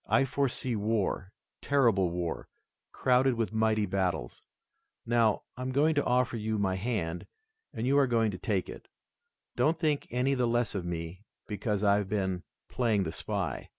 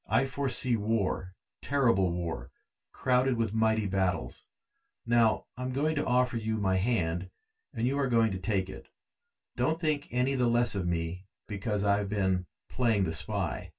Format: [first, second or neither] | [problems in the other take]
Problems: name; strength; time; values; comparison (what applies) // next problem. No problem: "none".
first | room echo; dies away in 0.1 s